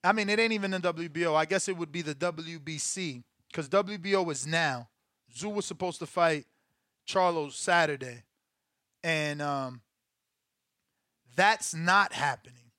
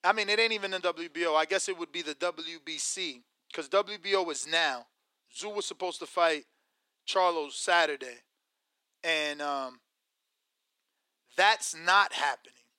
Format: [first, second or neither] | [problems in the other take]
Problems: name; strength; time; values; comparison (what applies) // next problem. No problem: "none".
first | thin; somewhat; fading below 300 Hz